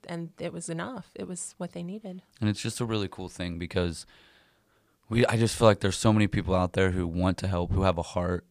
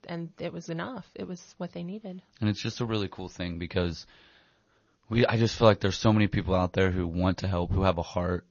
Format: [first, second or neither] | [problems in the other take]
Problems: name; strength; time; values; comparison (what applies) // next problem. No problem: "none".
first | garbled, watery; slightly; nothing above 6.5 kHz